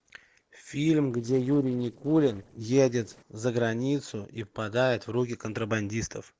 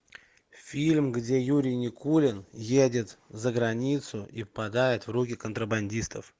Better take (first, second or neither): second